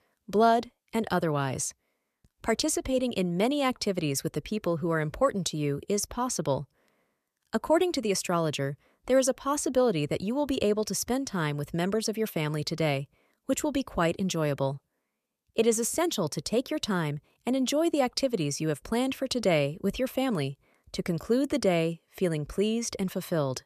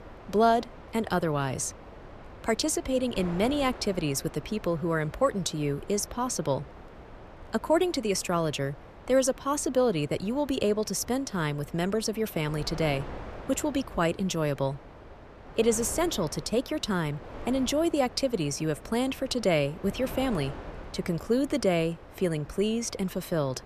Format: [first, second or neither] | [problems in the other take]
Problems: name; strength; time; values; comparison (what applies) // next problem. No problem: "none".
first | wind noise on the microphone; occasional gusts; 15 dB below the speech